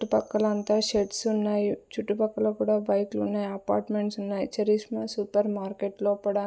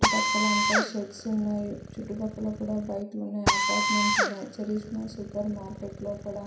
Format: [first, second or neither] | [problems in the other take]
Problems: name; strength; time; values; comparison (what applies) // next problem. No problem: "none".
first | background sound (Drill); 3 dB above the speech // room echo; dies away in 0.5 s